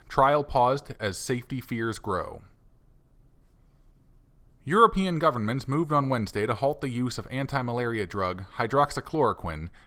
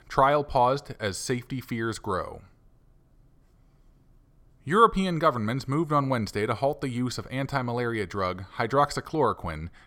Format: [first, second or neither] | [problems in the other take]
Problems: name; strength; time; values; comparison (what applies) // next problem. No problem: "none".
second | garbled, watery; slightly; nothing above 17.5 kHz